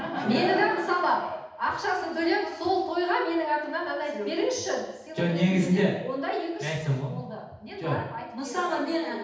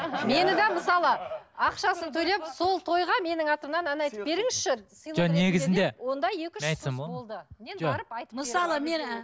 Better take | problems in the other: second | room echo; dies away in 0.8 s

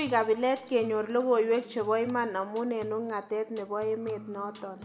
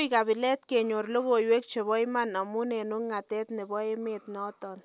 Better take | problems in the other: second | background sound (Acoustic guitar); 19 dB below the speech // room echo; dies away in 1.5 s

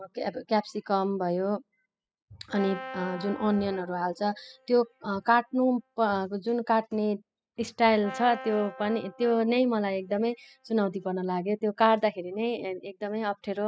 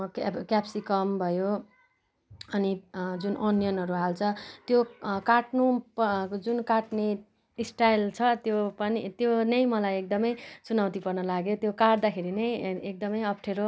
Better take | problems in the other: second | noise reduction (classical method spectral subtraction)

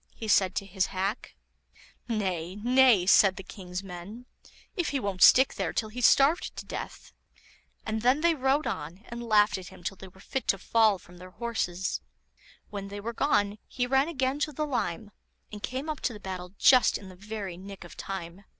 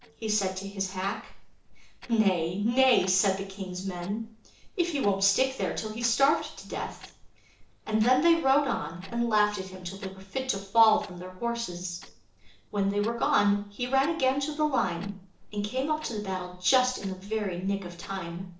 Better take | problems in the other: first | noise reduction (neural separator model SepFormer DNS4)

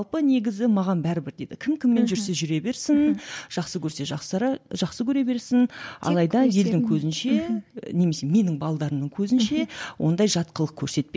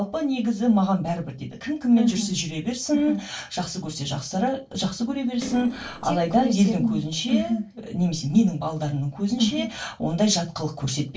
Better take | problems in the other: first | noise reduction (neural separator model SepFormer DNS4)

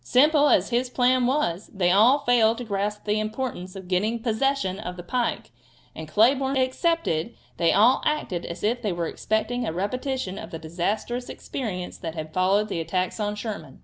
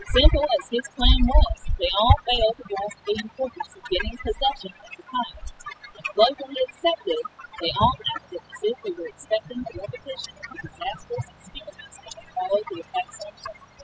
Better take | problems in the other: first | noise reduction (classical method spectral subtraction)

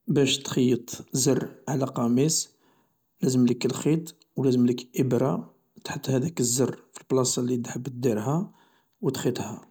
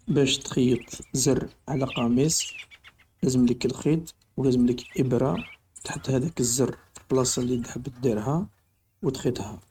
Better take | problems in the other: first | noise reduction (neural mask model RNNoise)

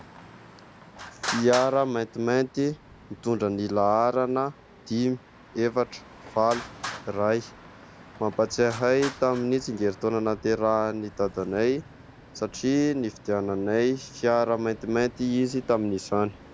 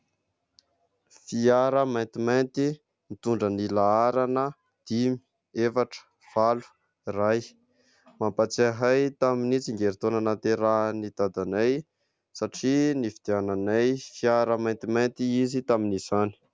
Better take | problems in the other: second | background sound (Traffic noise, roadway noise); 16 dB below the speech

